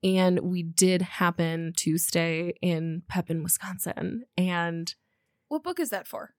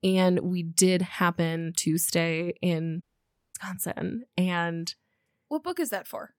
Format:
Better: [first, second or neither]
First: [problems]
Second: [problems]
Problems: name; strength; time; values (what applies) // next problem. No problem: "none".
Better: first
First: none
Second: audio cutting out; at 3 s for 0.5 s